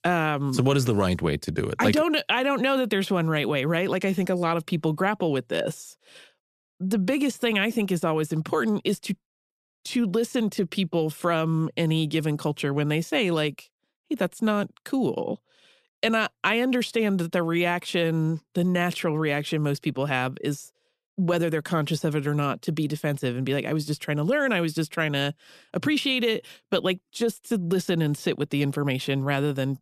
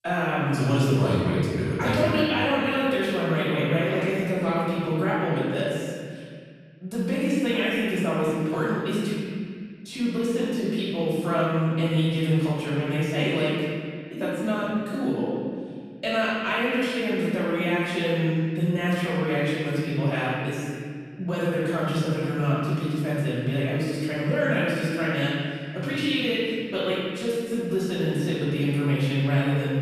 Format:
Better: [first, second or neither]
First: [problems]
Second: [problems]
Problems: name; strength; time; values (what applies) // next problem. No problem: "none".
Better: first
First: none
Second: room echo; strong; dies away in 2.2 s // off-mic speech; far